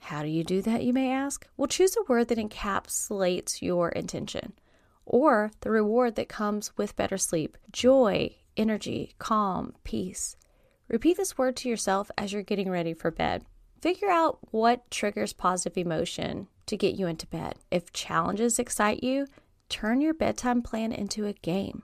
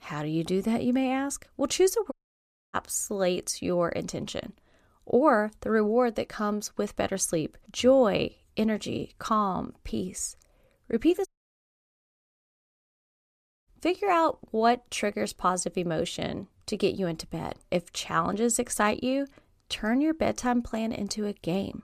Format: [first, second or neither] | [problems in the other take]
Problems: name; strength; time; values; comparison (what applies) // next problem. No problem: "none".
first | audio cutting out; at 2 s for 0.5 s and at 11 s for 2.5 s